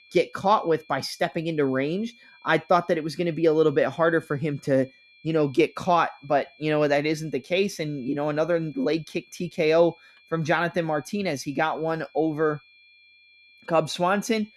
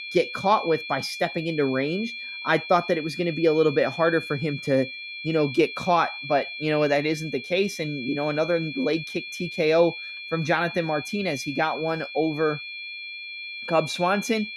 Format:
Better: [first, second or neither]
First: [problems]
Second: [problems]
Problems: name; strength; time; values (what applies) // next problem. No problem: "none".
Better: first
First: high-pitched whine; faint; throughout; 2.5 kHz, 30 dB below the speech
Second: high-pitched whine; loud; throughout; 2.5 kHz, 9 dB below the speech